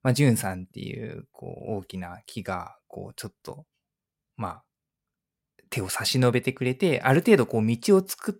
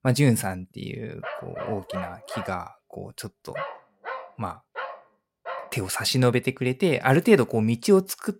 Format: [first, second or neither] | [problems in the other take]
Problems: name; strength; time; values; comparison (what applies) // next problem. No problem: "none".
first | dog barking; faint; from 1 to 5.5 s; peak 10 dB below the speech